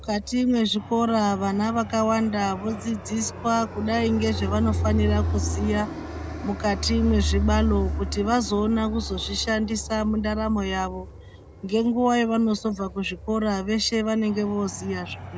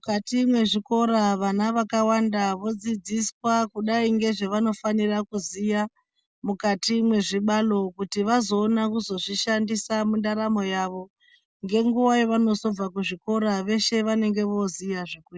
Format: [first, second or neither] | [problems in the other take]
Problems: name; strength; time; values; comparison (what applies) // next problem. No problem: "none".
second | background sound (Fixed-wing aircraft, airplane); 6 dB below the speech